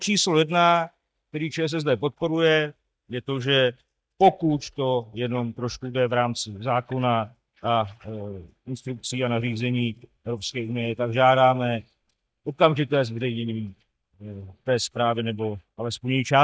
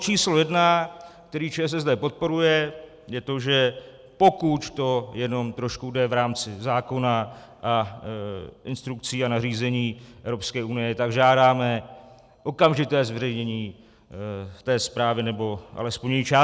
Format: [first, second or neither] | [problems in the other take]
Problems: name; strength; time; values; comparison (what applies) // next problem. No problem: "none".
second | noise reduction (neural mask model DeepFilterNet 3)